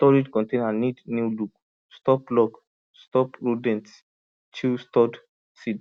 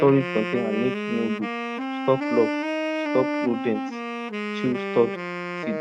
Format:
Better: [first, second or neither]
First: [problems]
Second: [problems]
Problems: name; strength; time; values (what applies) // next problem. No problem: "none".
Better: first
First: none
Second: noise reduction (neural mask model RNNoise)